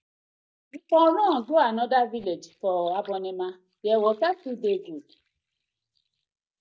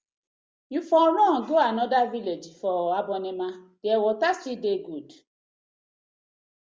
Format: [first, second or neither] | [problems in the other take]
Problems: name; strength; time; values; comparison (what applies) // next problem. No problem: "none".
second | noise reduction (neural mask model DeepFilterNet 3)